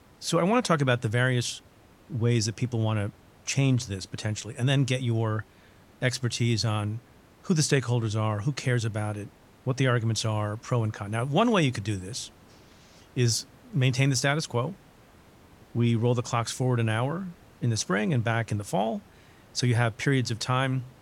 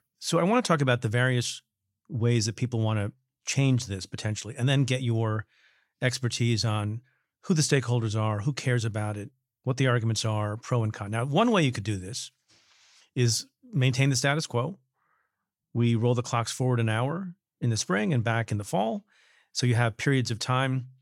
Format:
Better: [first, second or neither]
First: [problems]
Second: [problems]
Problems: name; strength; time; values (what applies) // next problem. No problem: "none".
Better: second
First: hiss; faint; throughout; 30 dB below the speech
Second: none